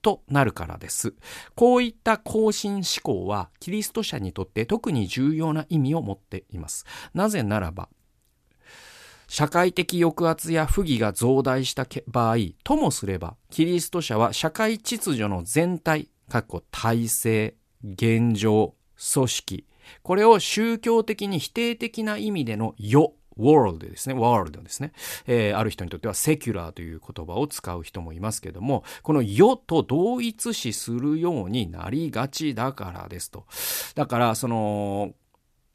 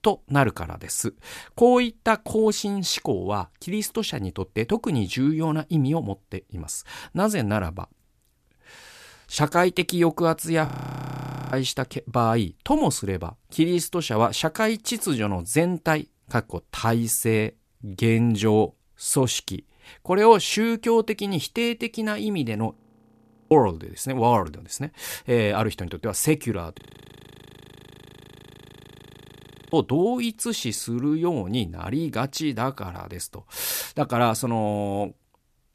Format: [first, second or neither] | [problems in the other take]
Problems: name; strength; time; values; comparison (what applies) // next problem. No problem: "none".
first | audio freezing; at 11 s for 1 s, at 23 s for 1 s and at 27 s for 3 s